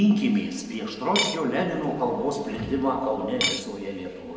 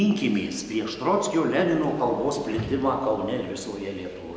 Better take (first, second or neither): second